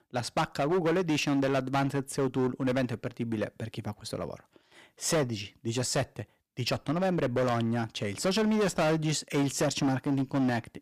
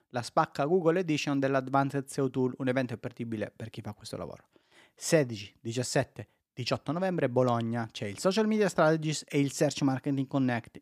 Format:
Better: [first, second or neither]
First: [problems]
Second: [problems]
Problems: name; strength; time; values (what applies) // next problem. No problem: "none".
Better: second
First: distortion; heavy; 12% of the sound clipped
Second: none